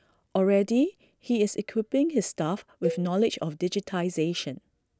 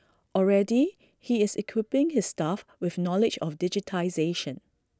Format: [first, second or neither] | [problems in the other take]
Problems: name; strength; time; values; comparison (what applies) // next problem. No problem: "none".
second | background sound (Cowbell); 10 dB below the speech